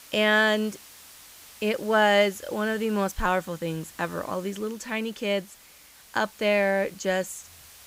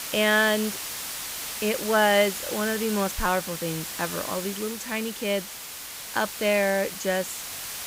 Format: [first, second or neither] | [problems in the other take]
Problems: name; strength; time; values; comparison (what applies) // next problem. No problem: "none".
first | hiss; loud; throughout; 7 dB below the speech; faint in the first